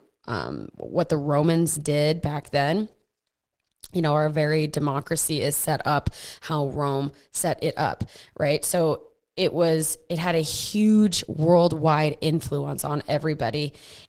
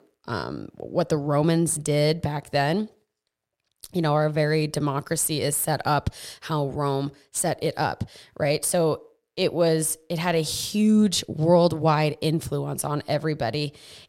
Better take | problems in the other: second | garbled, watery; slightly; nothing above 16 kHz

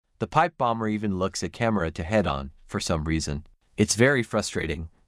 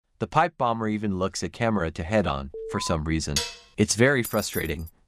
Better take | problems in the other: first | alarm; noticeable; at 2.5 s; peak 10 dB below the speech // clattering dishes; noticeable; at 3.5 s; peak 3 dB below the speech // jangling keys; noticeable; at 4 s; peak 9 dB below the speech

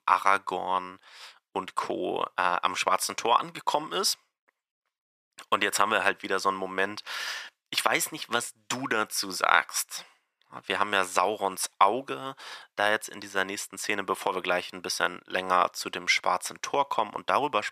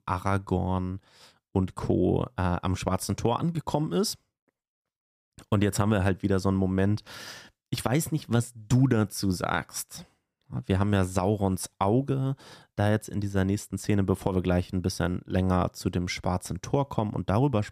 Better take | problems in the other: second | thin; very; fading below 600 Hz

